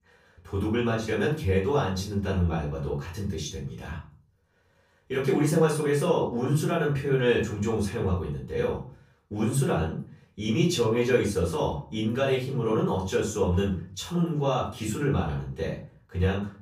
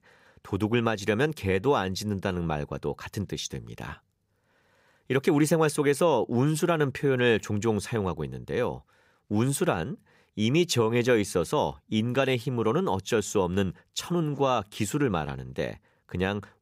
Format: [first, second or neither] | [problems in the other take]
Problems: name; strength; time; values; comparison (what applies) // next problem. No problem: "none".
second | off-mic speech; far // room echo; slight; dies away in 0.4 s